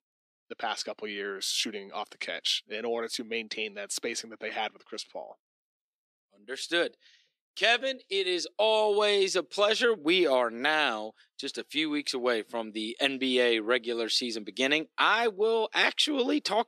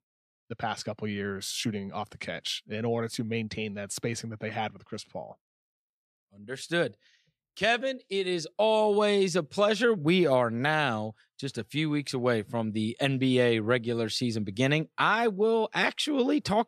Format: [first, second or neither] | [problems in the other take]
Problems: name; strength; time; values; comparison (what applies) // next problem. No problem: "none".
second | thin; very slightly; fading below 300 Hz